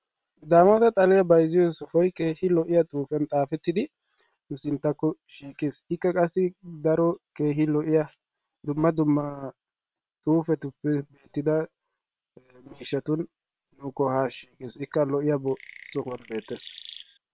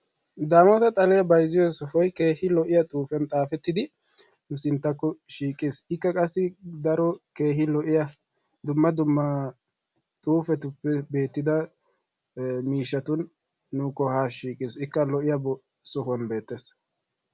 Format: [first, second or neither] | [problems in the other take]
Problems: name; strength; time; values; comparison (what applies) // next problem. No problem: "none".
second | noise reduction (neural separator model SepFormer WHAM!)